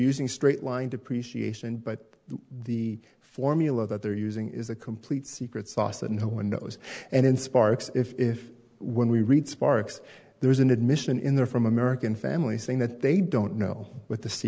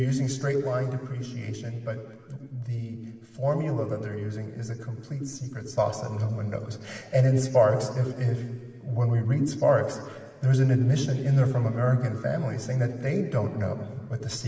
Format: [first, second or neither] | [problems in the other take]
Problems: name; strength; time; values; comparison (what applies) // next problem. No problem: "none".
first | room echo; dies away in 2 s